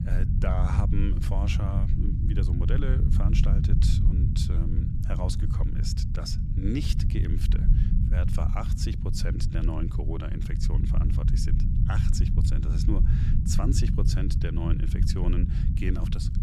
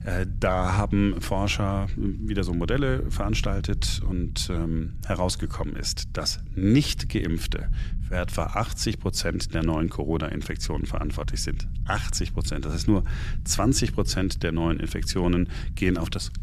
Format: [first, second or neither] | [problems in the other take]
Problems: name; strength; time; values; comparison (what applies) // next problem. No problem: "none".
second | low rumble; loud; throughout; 2 dB below the speech; faint in the second